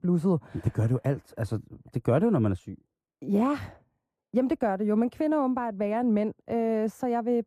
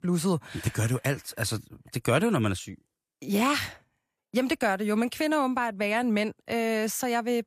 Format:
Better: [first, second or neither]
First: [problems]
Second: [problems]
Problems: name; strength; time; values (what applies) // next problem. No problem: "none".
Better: second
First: muffled; very; fading above 1.5 kHz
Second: none